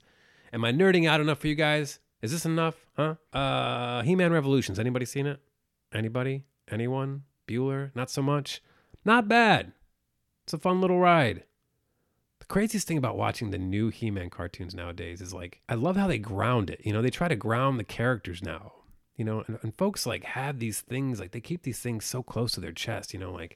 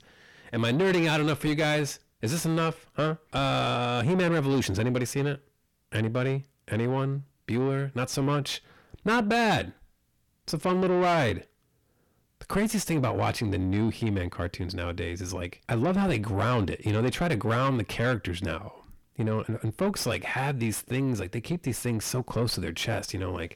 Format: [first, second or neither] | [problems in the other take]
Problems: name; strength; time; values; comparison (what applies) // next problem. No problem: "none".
first | distortion; heavy; 7 dB below the speech